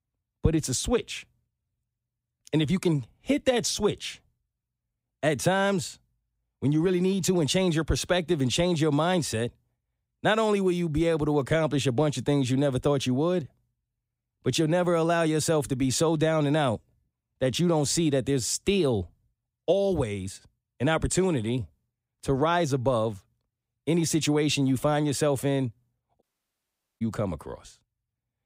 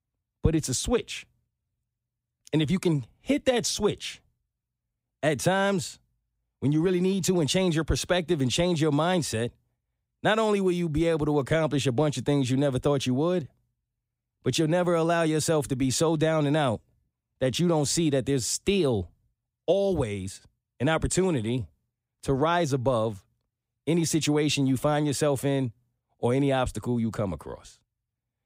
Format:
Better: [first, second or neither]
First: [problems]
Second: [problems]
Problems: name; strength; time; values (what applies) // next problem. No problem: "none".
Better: second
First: audio cutting out; at 26 s for 1 s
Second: none